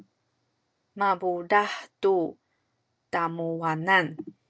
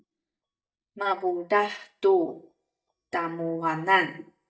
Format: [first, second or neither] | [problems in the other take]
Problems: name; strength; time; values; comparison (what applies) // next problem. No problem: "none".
first | noise reduction (neural mask model DeepFilterNet 3)